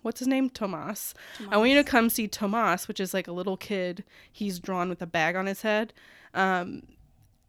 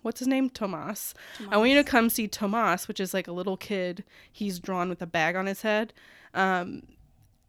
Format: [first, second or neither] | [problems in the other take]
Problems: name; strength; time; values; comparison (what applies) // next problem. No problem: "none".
neither | none